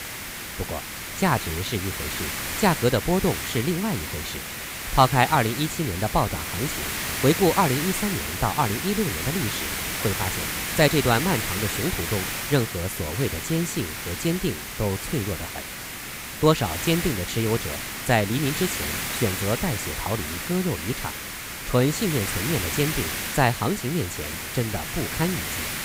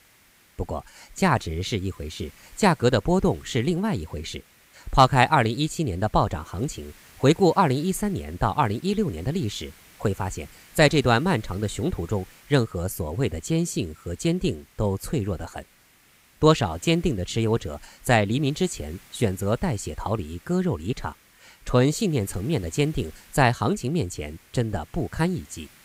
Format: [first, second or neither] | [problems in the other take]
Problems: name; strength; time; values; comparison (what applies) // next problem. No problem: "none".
second | hiss; loud; throughout; 3 dB below the speech; faint in the second